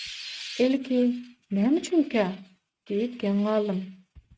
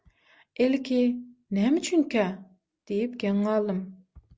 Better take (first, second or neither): second